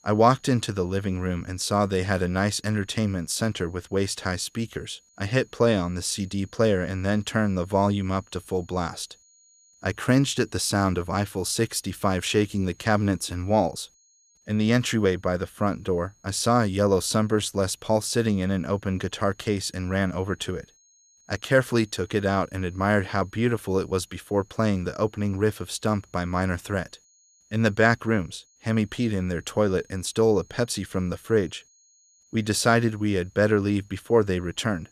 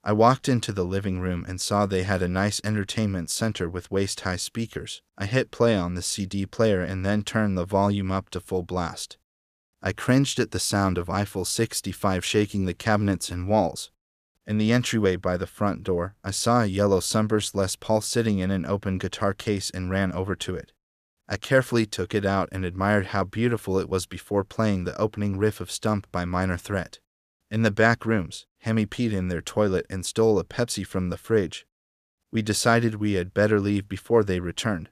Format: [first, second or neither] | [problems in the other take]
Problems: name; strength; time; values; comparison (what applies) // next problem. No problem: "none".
second | high-pitched whine; faint; throughout; 6.5 kHz, 30 dB below the speech